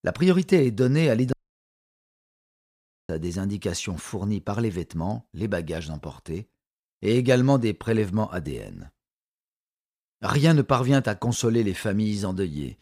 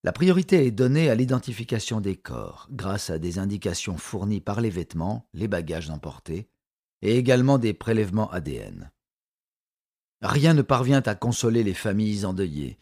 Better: second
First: audio cutting out; at 1.5 s for 2 s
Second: none

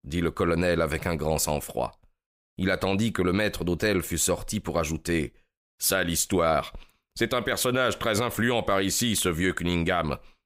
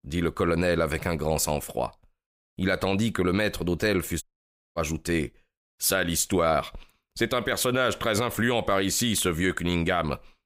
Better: first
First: none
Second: audio cutting out; at 4 s for 0.5 s

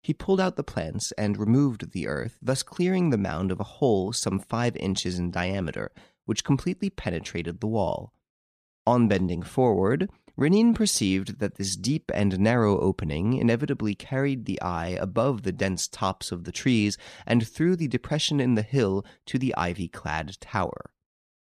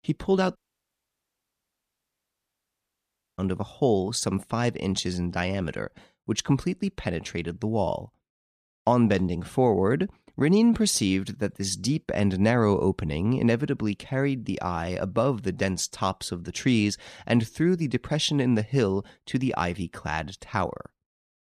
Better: first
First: none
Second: audio cutting out; at 0.5 s for 3 s

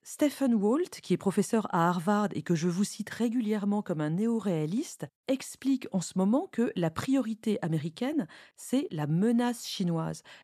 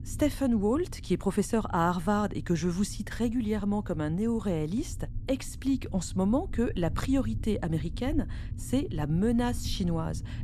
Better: first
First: none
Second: low rumble; faint; throughout; 20 dB below the speech

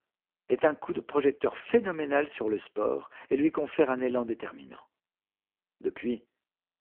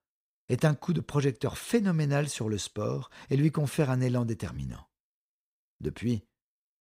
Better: second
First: phone-call audio; poor line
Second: none

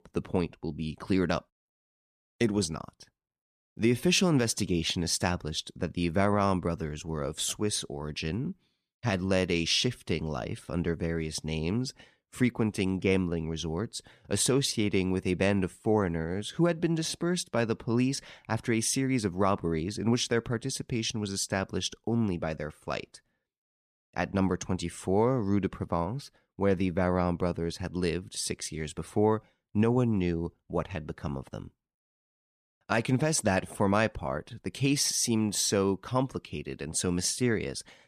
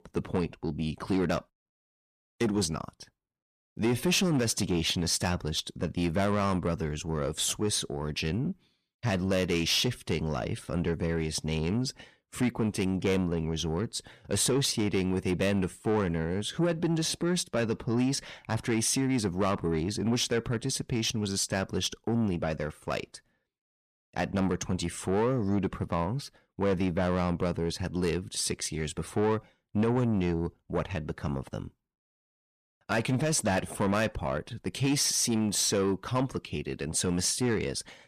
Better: first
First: none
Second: distortion; slight; 10 dB below the speech

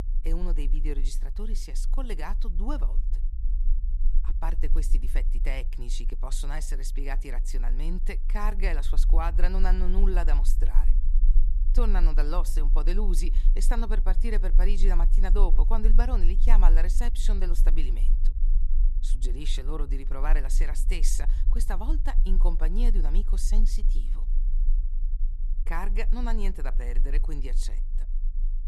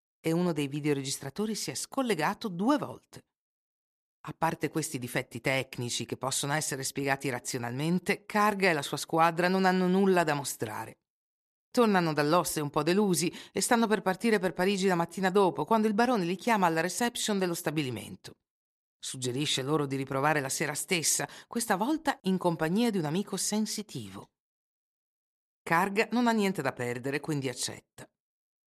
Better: second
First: low rumble; noticeable; throughout; 15 dB below the speech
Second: none

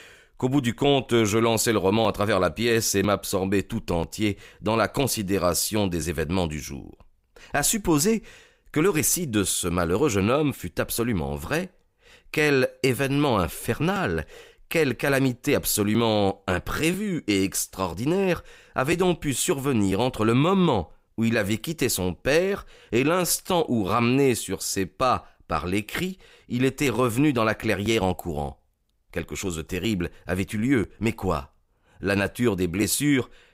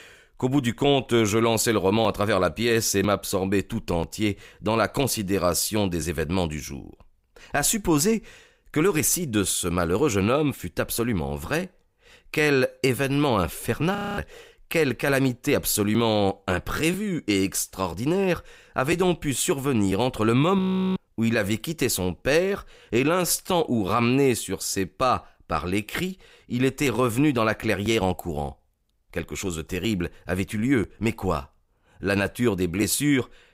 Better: first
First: none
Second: audio freezing; at 14 s and at 21 s

